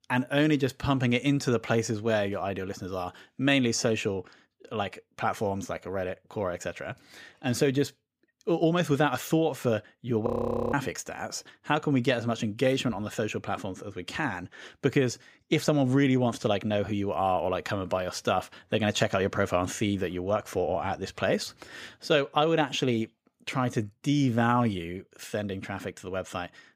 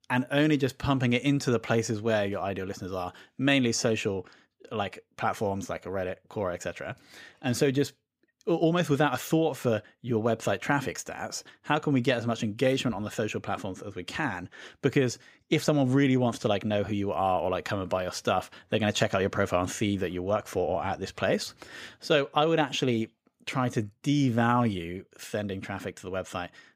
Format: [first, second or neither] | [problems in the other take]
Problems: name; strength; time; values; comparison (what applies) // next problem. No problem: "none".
second | audio freezing; at 10 s